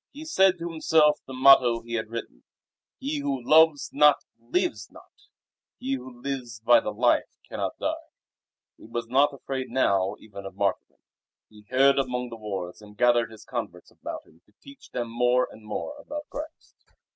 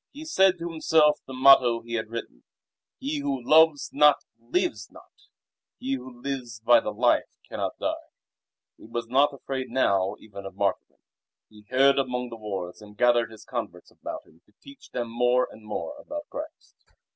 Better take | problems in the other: second | noise reduction (neural mask model RNNoise)

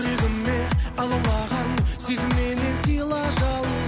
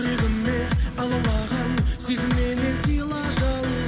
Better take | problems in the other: first | background sound (Strum); 17 dB below the speech // room echo; dies away in 1 s

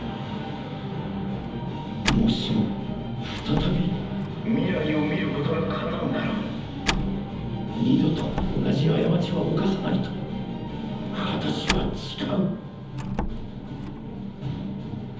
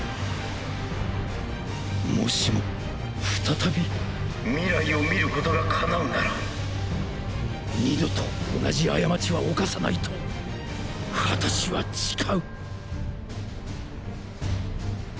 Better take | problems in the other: second | background sound (Slam); 10 dB below the speech // room echo; dies away in 1.3 s

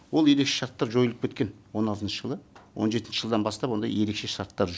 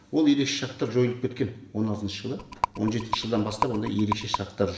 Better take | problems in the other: first | background sound (Rattle); 5 dB below the speech // room echo; dies away in 1 s

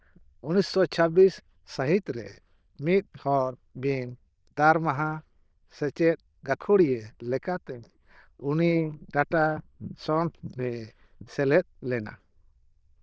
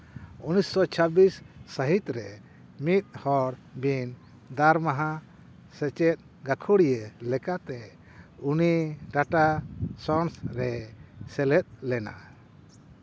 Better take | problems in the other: second | noise reduction (neural diffusion model UNIVERSE++)

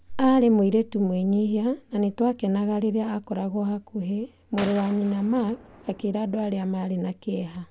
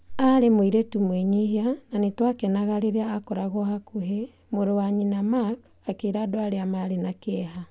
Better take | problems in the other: second | background sound (Gunshot, gunfire); 19 dB below the speech

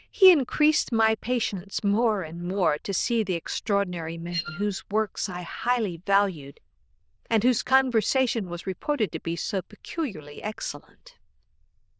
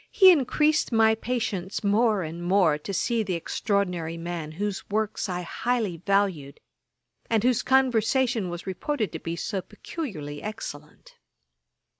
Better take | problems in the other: second | noise reduction (neural diffusion model UNIVERSE++)

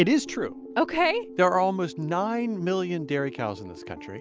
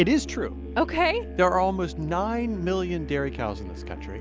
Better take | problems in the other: first | background sound (Musical instrument); 11 dB below the speech

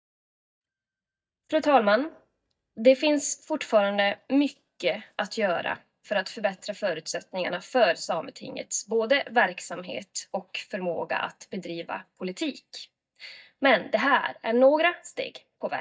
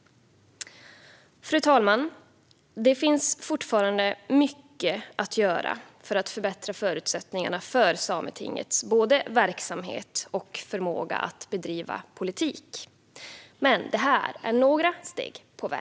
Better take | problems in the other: second | noise reduction (neural mask model DeepFilterNet 3)

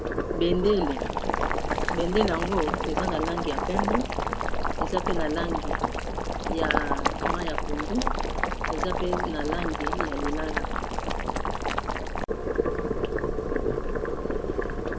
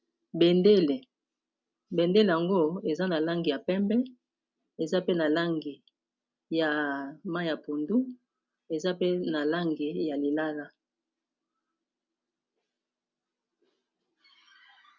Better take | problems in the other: second | background sound (Boiling); 5 dB above the speech

